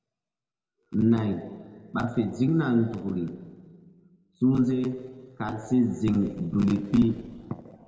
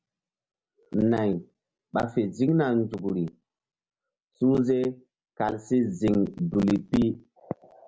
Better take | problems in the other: second | room echo; dies away in 1.6 s

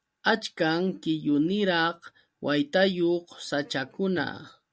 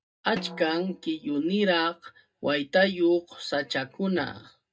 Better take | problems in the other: first | noise reduction (neural mask model DeepFilterNet 3)

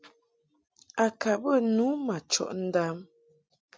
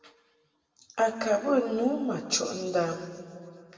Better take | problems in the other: first | room echo; dies away in 2.2 s

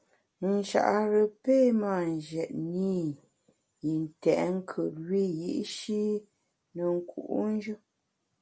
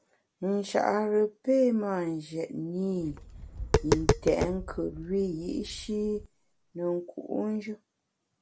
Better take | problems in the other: first | background sound (Tap); 2 dB below the speech

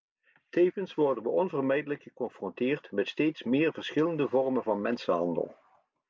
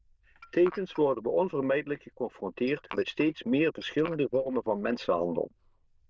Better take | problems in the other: first | noise reduction (neural diffusion model UNIVERSE++)

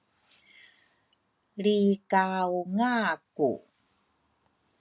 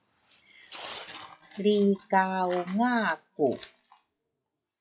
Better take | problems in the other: first | noise reduction (classical method WPE with log-MMSE)

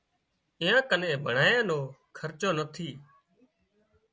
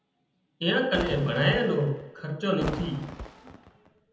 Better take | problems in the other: first | background sound (Fireworks); 9 dB below the speech // room echo; dies away in 0.9 s

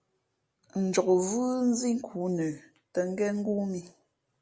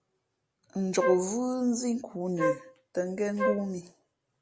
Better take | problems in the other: first | background sound (Wind instrument, woodwind instrument); as loud as the speech

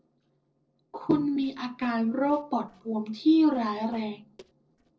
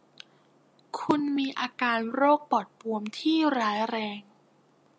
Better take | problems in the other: second | noise reduction (neural separator model SepFormer DNS4)

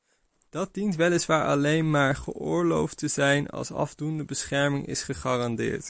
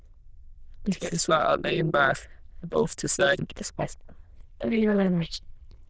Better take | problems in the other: first | noise reduction (neural diffusion model UNIVERSE++)

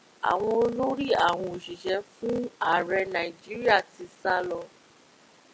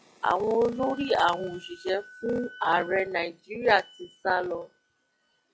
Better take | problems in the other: first | noise reduction (classical method log-MMSE)

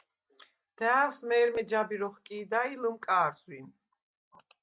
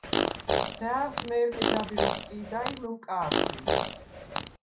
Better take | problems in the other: first | background sound (Fart); 3 dB above the speech // room echo; dies away in 0.2 s

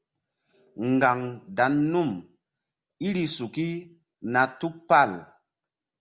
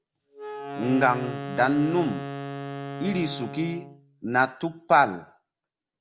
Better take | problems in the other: first | background sound (Wind instrument, woodwind instrument); 10 dB below the speech

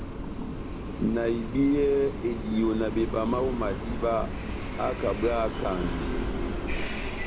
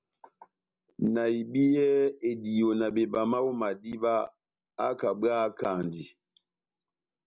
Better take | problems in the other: second | background sound (Train); 3 dB below the speech

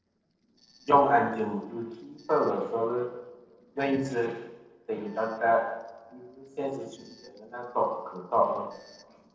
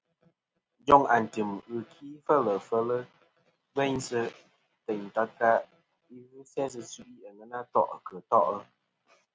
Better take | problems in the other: second | noise reduction (neural separator model SepFormer DNS4)

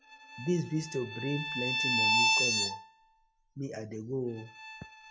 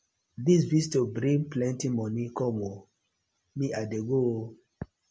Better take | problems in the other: second | noise reduction (classical method log-MMSE)

